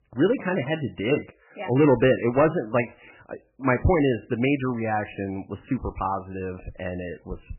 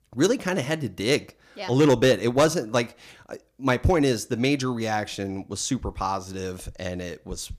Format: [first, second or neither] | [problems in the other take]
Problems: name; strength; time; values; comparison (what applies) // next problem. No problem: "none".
second | garbled, watery; badly; nothing above 3 kHz